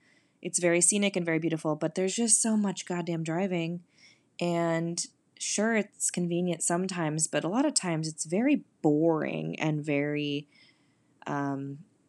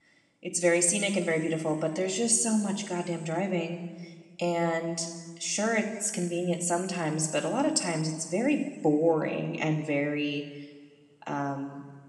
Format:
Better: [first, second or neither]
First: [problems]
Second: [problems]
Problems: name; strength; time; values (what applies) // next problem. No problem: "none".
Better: first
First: none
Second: room echo; slight; dies away in 1.4 s